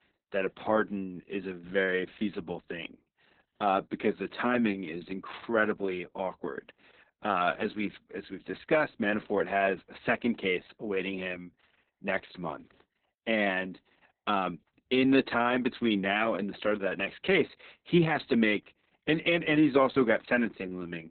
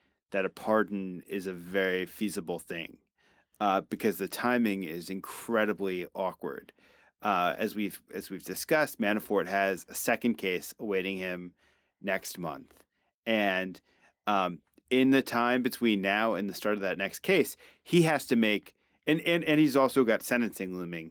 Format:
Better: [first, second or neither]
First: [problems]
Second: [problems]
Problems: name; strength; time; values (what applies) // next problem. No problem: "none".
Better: second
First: garbled, watery; badly; nothing above 4 kHz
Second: garbled, watery; slightly; nothing above 18.5 kHz